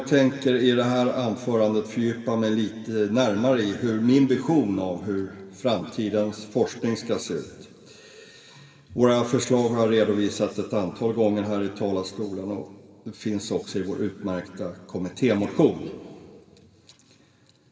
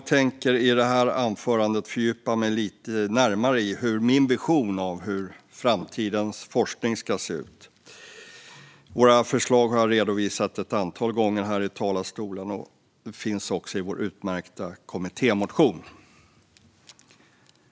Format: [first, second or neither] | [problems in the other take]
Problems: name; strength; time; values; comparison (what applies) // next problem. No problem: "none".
second | room echo; dies away in 1.8 s